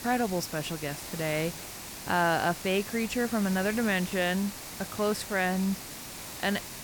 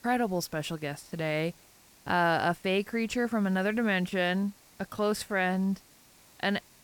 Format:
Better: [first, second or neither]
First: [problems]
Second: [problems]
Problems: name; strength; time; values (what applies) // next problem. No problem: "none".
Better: second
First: hiss; loud; throughout; 9 dB below the speech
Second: hiss; faint; throughout; 25 dB below the speech